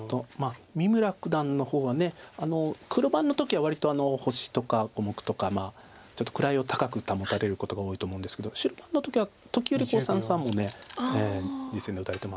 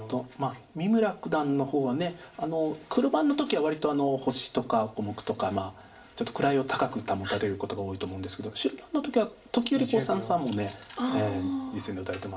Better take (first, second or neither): first